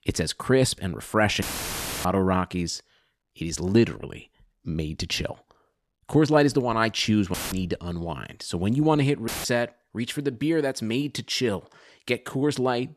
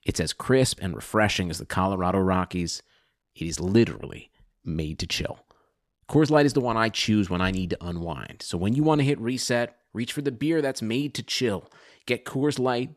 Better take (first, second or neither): second